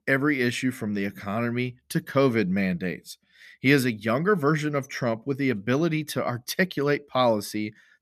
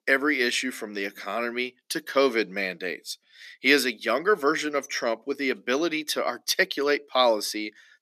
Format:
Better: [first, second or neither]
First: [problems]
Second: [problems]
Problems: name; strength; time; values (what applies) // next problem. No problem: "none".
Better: first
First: none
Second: thin; somewhat; fading below 300 Hz